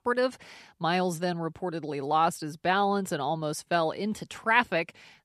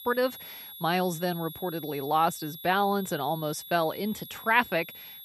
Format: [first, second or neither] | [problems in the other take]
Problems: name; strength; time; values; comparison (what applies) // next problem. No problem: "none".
first | high-pitched whine; noticeable; throughout; 11.5 kHz, 15 dB below the speech